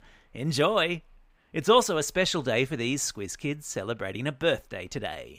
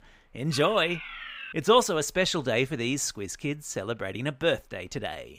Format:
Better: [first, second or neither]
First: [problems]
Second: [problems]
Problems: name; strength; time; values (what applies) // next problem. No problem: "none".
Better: first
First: none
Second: alarm; noticeable; from 0.5 to 1.5 s; peak 10 dB below the speech